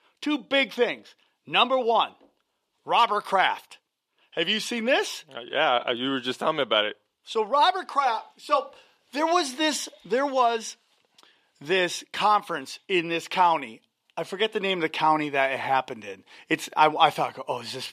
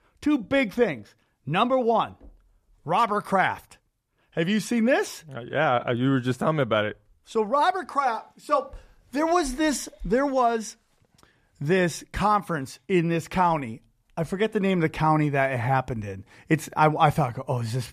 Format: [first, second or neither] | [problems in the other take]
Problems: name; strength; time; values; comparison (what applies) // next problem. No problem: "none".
second | thin; somewhat; fading below 350 Hz